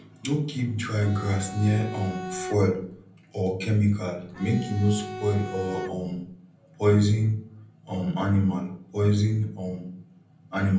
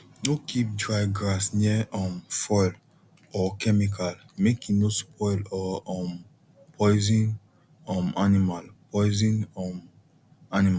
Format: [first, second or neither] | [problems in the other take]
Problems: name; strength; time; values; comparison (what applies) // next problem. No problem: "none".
second | background sound (Bowed string instrument); 12 dB below the speech // room echo; dies away in 0.6 s